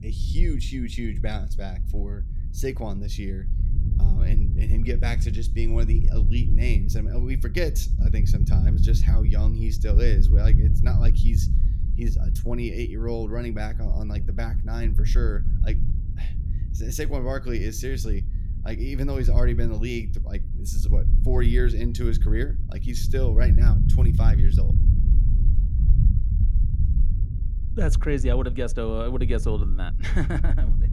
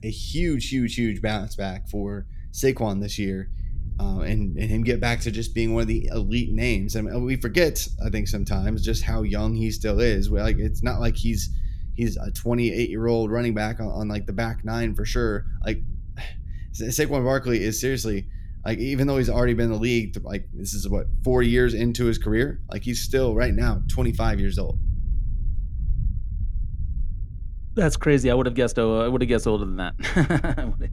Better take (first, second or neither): second